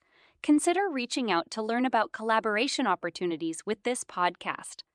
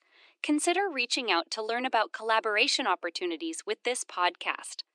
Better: first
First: none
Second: thin; very slightly; fading below 300 Hz

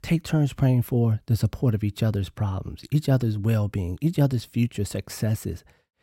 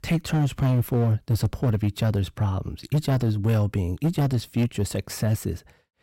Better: first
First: none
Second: distortion; slight; 10% of the sound clipped

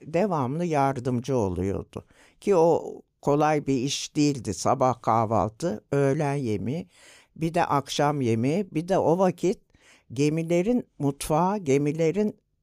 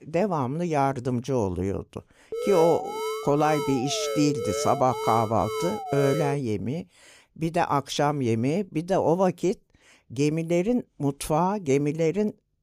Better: first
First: none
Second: alarm; noticeable; from 2.5 to 6.5 s; peak 4 dB below the speech

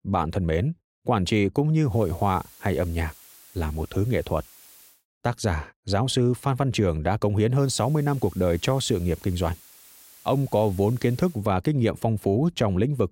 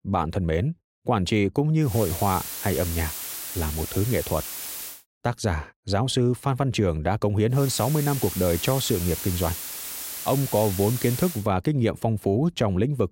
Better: first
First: hiss; faint; from 2 to 5 s and from 7.5 to 11 s; 25 dB below the speech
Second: hiss; loud; from 2 to 5 s and from 7.5 to 11 s; 7 dB below the speech

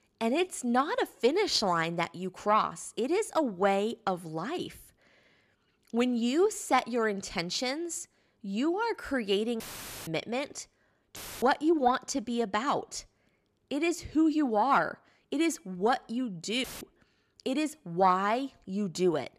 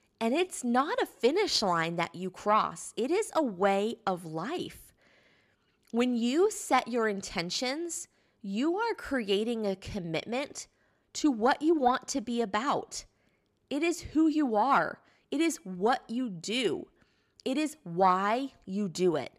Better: second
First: audio cutting out; filled with static; at 9.5 s, at 11 s and at 17 s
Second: none

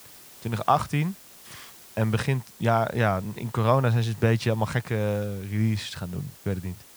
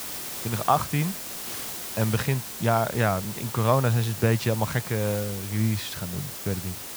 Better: first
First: hiss; faint; throughout; 20 dB below the speech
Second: hiss; loud; throughout; 7 dB below the speech

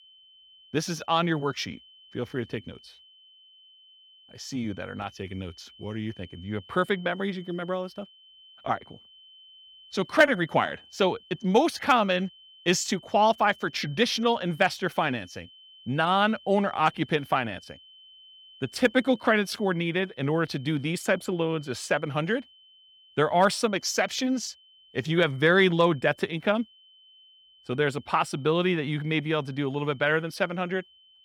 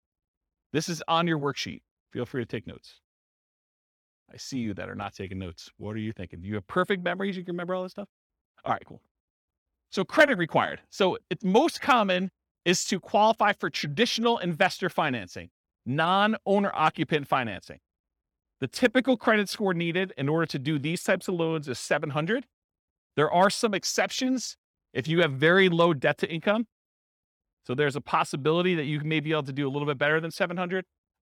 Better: second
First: high-pitched whine; faint; throughout; 3 kHz, 25 dB below the speech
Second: none

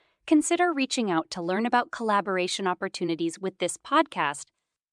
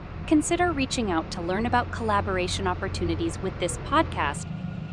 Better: first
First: none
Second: traffic noise; loud; throughout; 8 dB below the speech

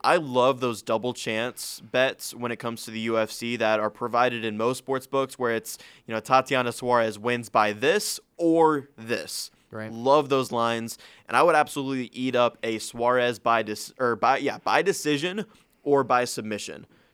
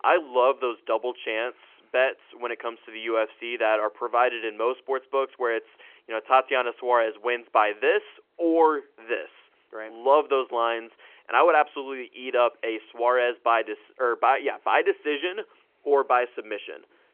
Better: first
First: none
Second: phone-call audio; nothing above 3 kHz

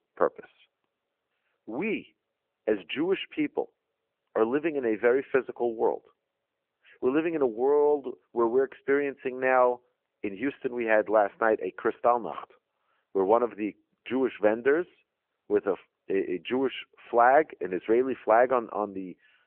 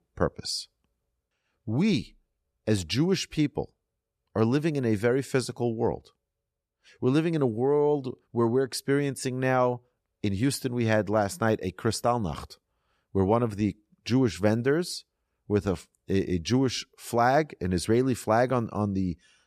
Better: second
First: phone-call audio; nothing above 3 kHz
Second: none

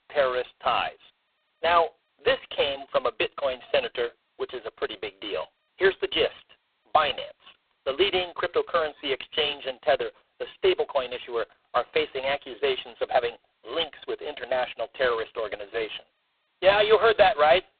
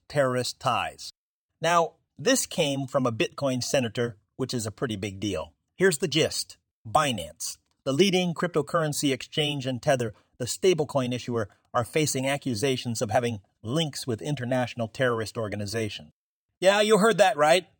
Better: second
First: phone-call audio; poor line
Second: none

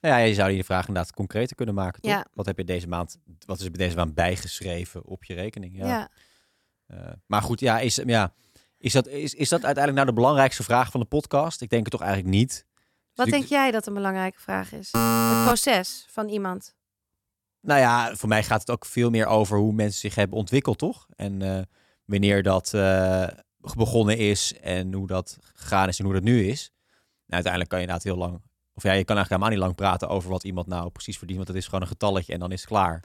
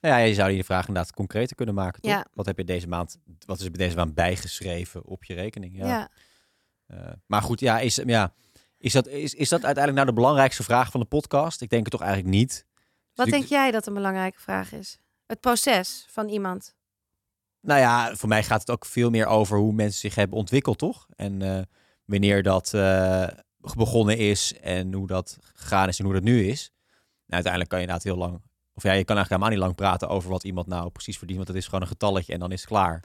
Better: second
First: alarm; loud; at 15 s; peak 4 dB above the speech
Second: none

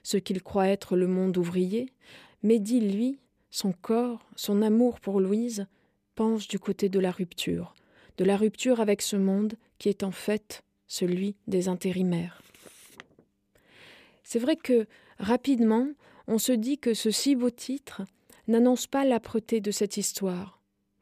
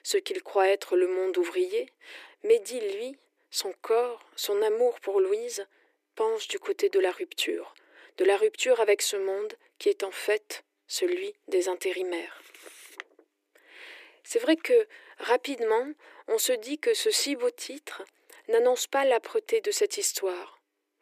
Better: first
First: none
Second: thin; very; fading below 300 Hz

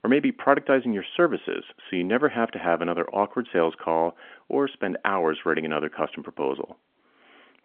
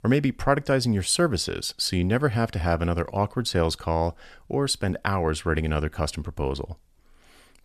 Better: second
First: phone-call audio; nothing above 3.5 kHz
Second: none

